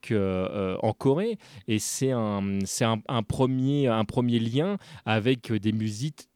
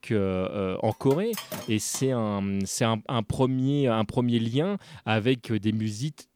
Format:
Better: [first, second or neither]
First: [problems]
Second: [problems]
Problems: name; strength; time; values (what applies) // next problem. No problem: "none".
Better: first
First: none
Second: clattering dishes; noticeable; from 1 to 2 s; peak 9 dB below the speech